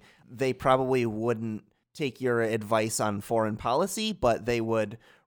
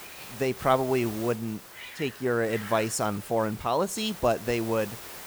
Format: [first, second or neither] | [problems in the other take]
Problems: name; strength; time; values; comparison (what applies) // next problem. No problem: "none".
first | hiss; noticeable; throughout; 15 dB below the speech